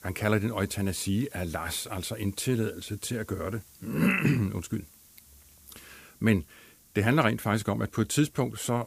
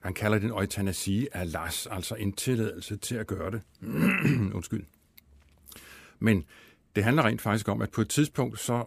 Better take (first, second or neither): second